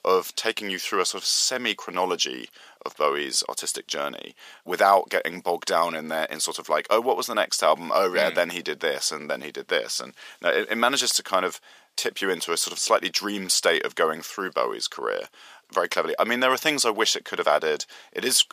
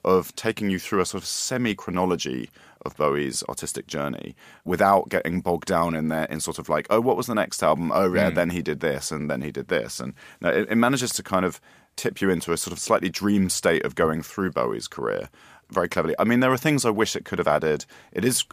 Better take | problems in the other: second | thin; somewhat; fading below 450 Hz

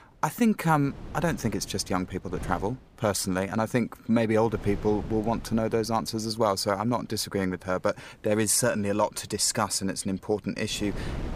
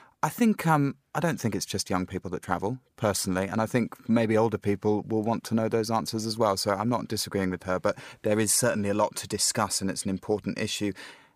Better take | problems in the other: second | wind noise on the microphone; occasional gusts; 20 dB below the speech

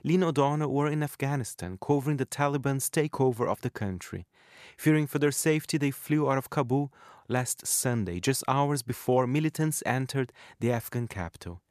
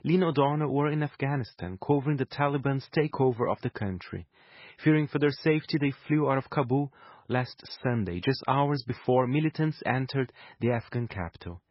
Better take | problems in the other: first | garbled, watery; badly; nothing above 5.5 kHz

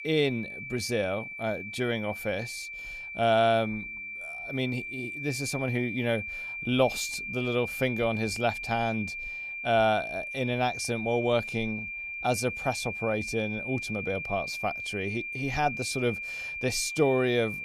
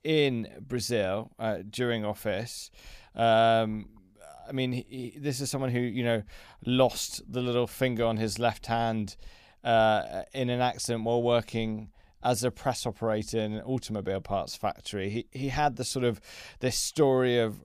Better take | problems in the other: second | high-pitched whine; loud; throughout; 2.5 kHz, 5 dB below the speech

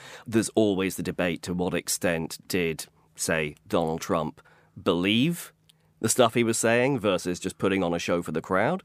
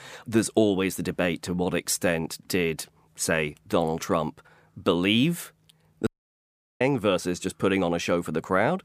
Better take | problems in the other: first | audio cutting out; at 6 s for 0.5 s

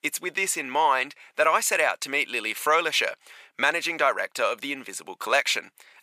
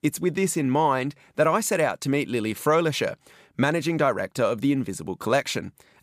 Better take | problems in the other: second | thin; very; fading below 700 Hz

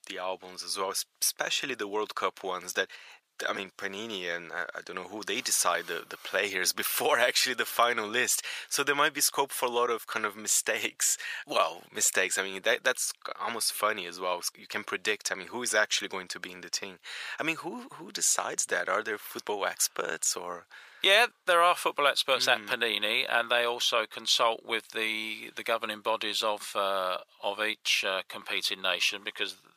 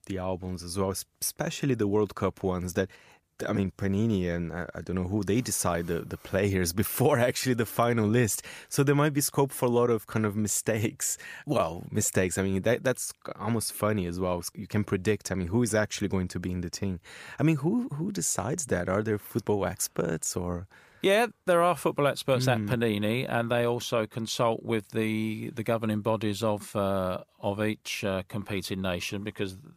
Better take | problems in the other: second | thin; very; fading below 600 Hz

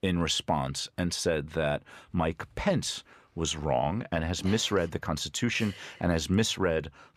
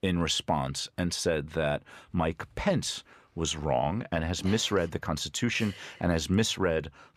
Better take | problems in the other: neither | none

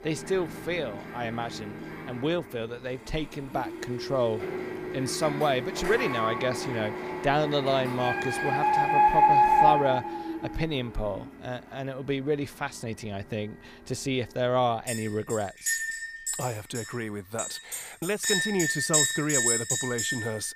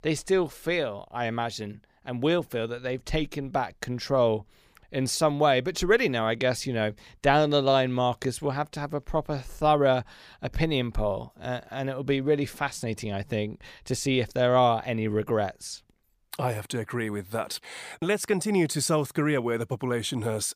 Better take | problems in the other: second | household noises; very loud; throughout; 3 dB above the speech

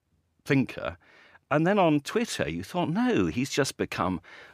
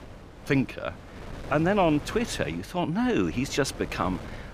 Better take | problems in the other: first | wind noise on the microphone; occasional gusts; 15 dB below the speech

